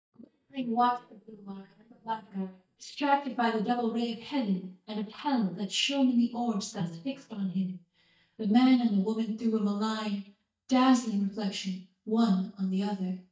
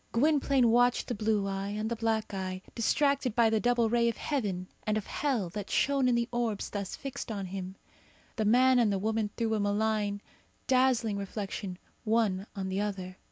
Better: second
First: noise reduction (neural mask model DeepFilterNet 3)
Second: none

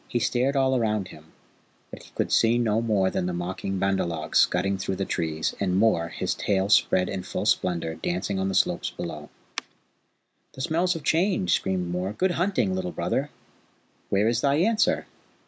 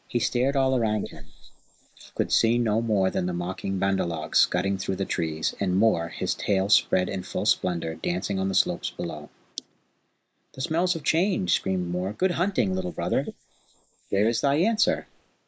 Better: first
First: none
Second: noise reduction (neural mask model Resemble Enhance denoiser)

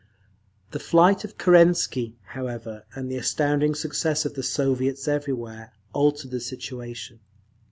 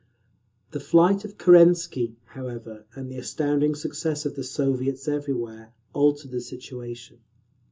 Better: first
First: none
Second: room echo; dies away in 0.2 s

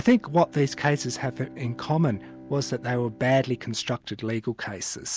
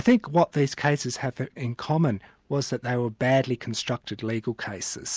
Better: second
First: background sound (Bowed string instrument); 20 dB below the speech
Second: none

